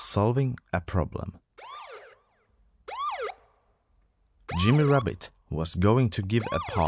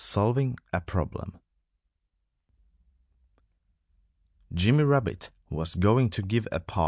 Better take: second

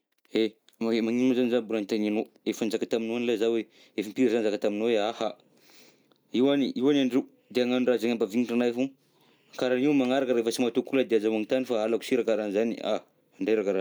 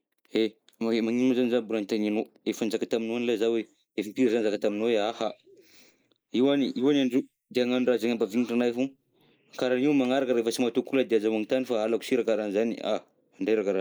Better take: first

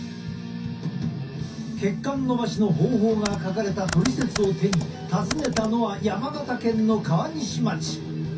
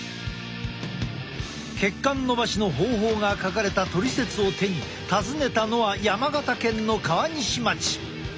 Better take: second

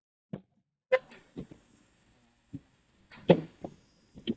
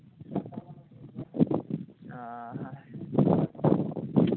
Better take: second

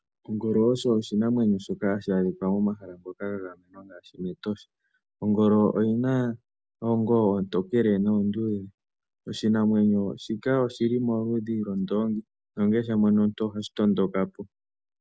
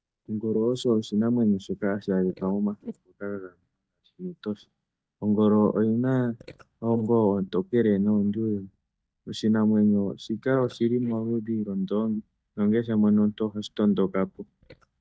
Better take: first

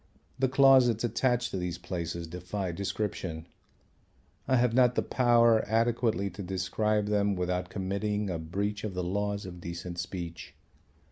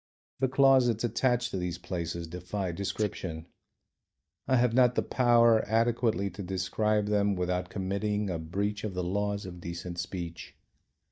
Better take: first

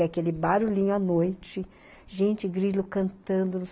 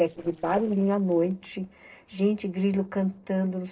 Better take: first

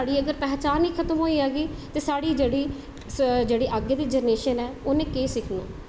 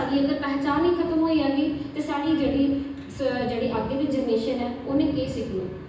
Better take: first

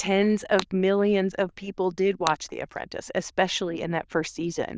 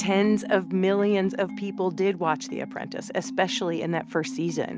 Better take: second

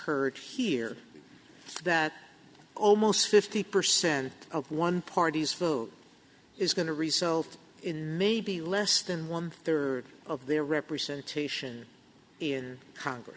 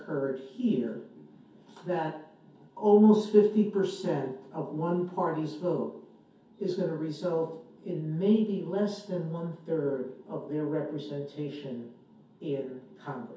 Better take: first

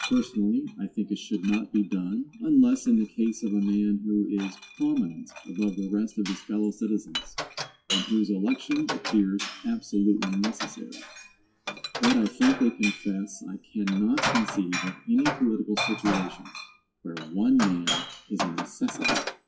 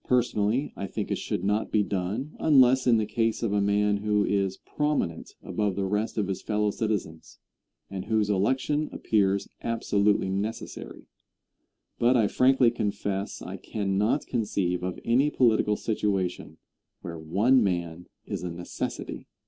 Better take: second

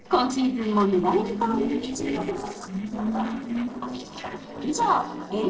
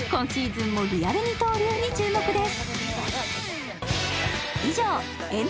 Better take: second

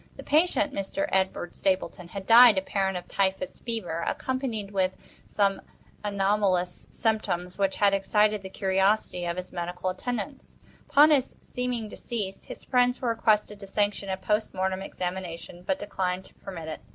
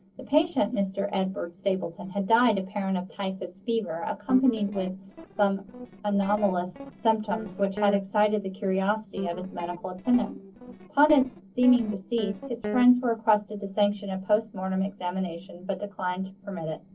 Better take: first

